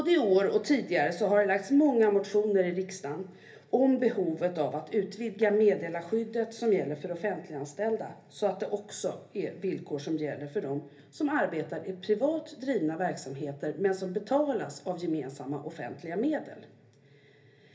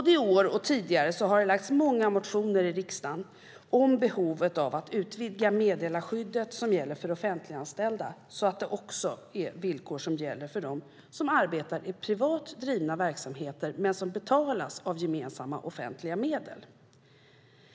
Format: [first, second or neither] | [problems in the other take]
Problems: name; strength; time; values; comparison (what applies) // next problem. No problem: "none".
second | room echo; dies away in 0.3 s